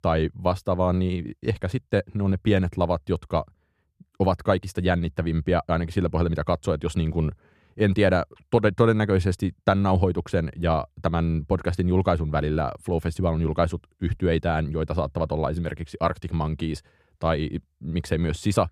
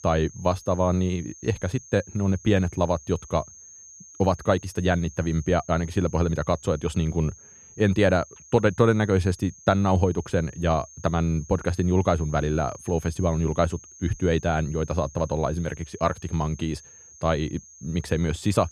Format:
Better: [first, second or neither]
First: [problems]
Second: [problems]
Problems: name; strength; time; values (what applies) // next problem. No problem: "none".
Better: first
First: none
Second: high-pitched whine; noticeable; throughout; 6.5 kHz, 20 dB below the speech